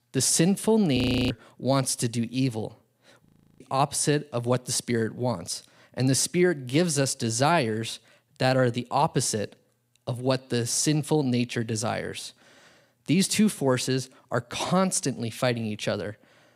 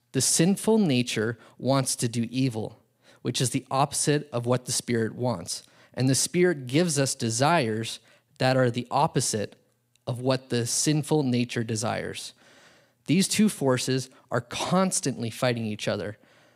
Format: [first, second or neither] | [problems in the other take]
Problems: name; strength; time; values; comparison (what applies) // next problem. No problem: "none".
second | audio freezing; at 1 s and at 3.5 s